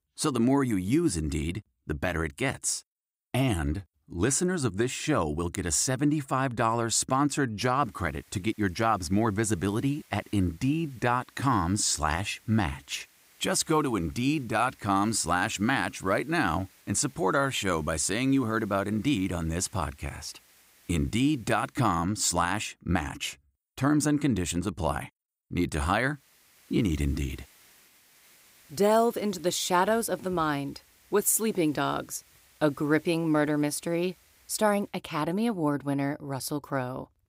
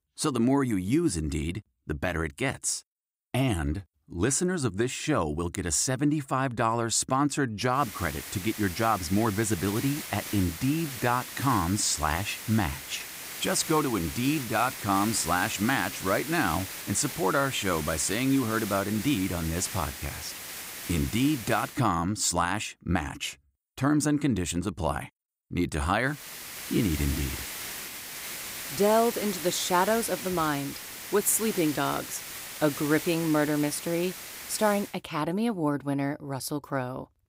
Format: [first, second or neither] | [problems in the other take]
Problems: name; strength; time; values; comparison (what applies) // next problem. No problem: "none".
first | hiss; loud; from 8 to 22 s and from 26 to 35 s; 8 dB below the speech; faint in the first